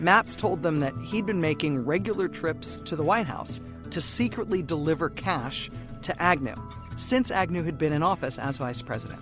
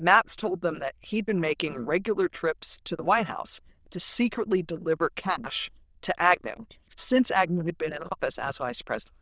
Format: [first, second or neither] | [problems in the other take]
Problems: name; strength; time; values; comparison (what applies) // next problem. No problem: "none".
first | noise reduction (neural diffusion model UNIVERSE++)